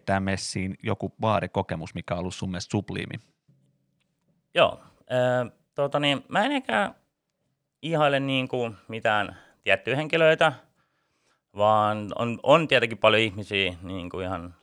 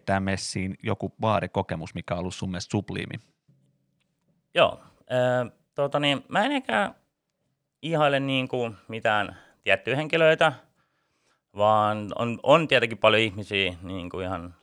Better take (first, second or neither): neither